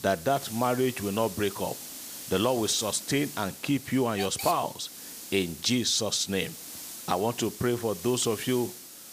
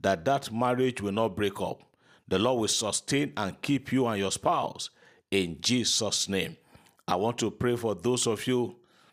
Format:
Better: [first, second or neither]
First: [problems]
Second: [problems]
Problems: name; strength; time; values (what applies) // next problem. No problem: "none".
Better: second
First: hiss; noticeable; throughout; 10 dB below the speech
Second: none